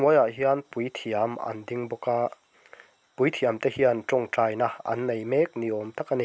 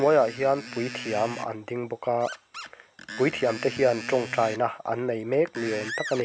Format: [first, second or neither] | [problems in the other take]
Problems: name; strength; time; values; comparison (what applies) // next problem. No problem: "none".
first | background sound (Screech); 13 dB below the speech